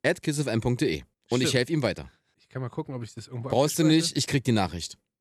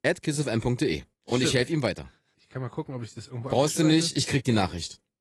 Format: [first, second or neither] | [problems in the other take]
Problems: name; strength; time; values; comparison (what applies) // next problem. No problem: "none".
first | garbled, watery; slightly; nothing above 11.5 kHz